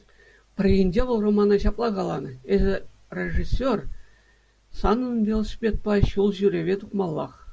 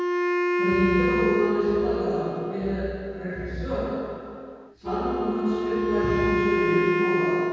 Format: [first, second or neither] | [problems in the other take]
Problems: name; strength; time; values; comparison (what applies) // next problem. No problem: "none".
first | background sound (Wind instrument, woodwind instrument); 1 dB above the speech // room echo; dies away in 2.2 s